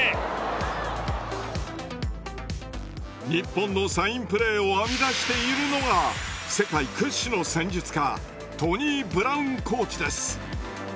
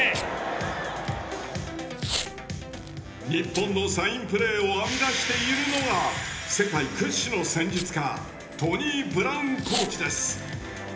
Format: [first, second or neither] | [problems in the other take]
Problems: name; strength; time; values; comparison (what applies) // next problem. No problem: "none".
first | background sound (Packing tape, duct tape / Tearing); 14 dB below the speech // room echo; dies away in 0.8 s